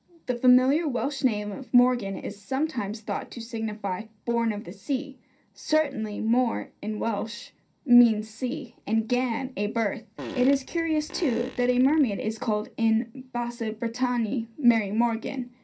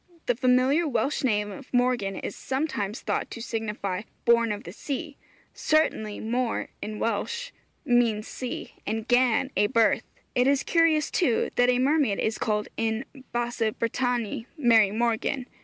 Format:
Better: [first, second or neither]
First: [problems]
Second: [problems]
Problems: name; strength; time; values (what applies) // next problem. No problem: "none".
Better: second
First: background sound (Fart); 15 dB below the speech // room echo; dies away in 0.3 s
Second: none